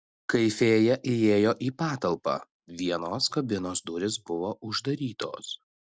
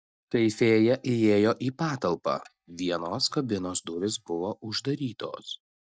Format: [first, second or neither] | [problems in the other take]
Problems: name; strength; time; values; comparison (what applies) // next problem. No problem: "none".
first | noise reduction (neural mask model DeepFilterNet 3)